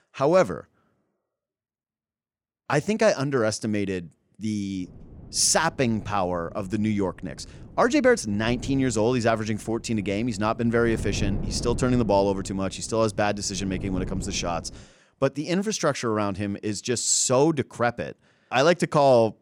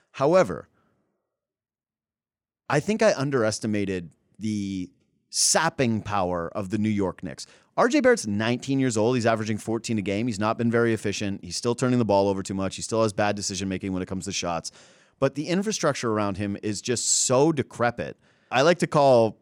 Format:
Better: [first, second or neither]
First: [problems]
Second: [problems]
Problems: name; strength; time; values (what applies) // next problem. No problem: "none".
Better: second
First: wind noise on the microphone; occasional gusts; from 5 to 15 s; 20 dB below the speech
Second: none